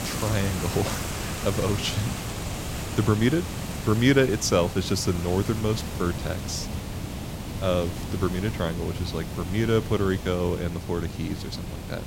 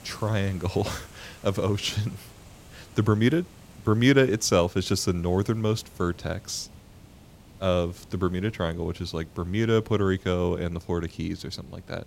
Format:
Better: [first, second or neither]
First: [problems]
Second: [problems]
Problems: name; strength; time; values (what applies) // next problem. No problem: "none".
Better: second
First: hiss; loud; throughout; 6 dB below the speech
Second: hiss; faint; throughout; 25 dB below the speech